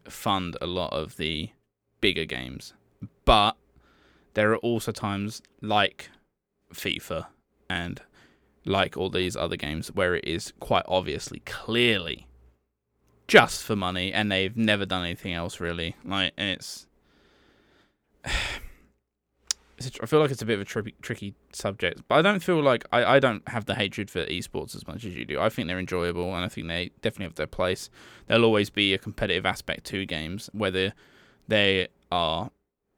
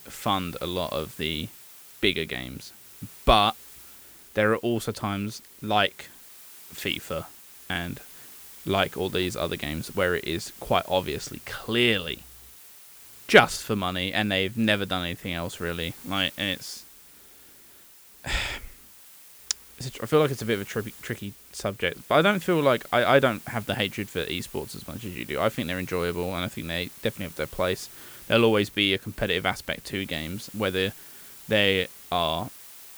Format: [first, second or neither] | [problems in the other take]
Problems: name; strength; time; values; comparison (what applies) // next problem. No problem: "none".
first | hiss; noticeable; throughout; 20 dB below the speech